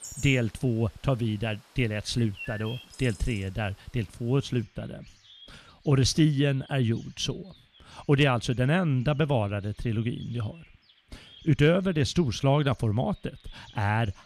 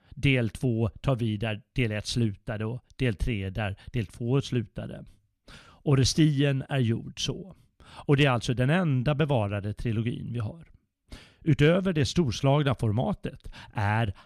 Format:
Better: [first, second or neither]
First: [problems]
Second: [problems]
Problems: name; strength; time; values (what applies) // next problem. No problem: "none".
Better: second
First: animal sounds; faint; throughout; 25 dB below the speech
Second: none